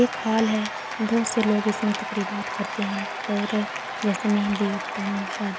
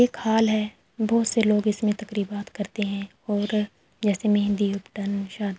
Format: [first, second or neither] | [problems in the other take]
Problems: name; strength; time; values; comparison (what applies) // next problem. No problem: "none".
second | background sound (Applause / Cheering); 6 dB below the speech